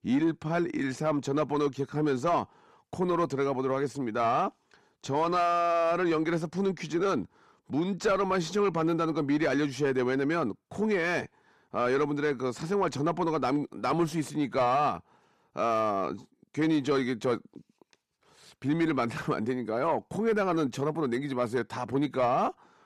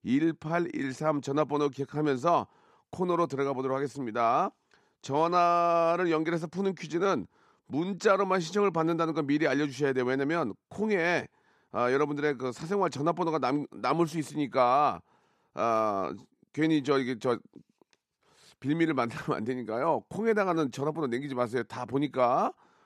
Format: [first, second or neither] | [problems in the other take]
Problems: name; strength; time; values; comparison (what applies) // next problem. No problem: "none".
second | distortion; slight; 10 dB below the speech